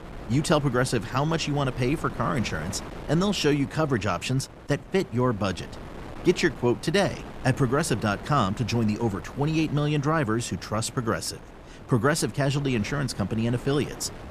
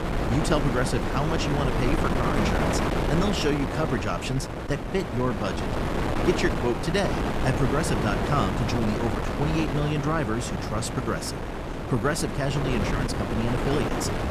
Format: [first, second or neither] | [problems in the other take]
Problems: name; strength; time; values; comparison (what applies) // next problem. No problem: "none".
first | wind noise on the microphone; heavy; as loud as the speech; occasional gusts in the first